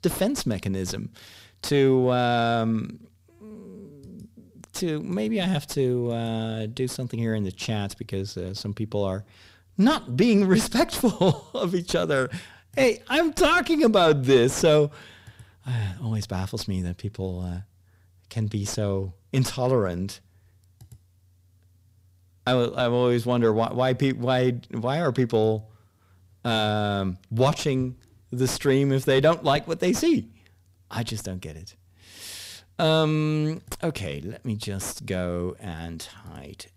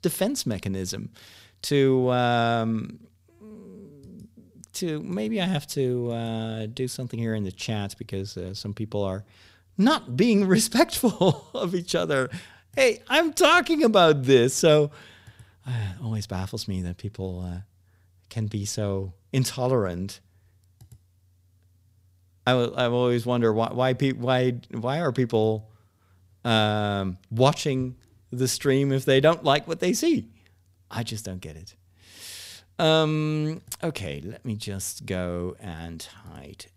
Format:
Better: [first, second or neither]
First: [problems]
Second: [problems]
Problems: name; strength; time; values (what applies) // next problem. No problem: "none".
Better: second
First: distortion; slight; 9 dB below the speech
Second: none